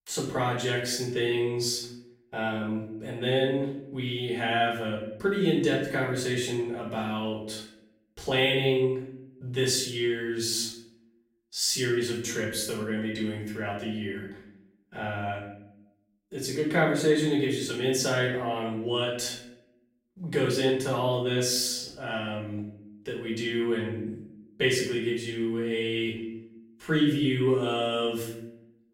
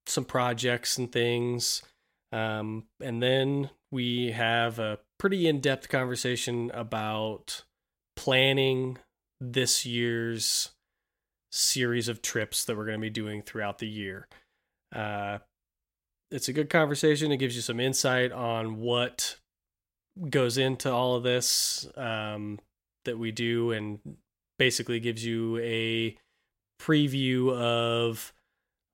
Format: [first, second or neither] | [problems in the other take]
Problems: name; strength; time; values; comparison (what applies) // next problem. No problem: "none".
second | off-mic speech; far // room echo; noticeable; dies away in 0.7 s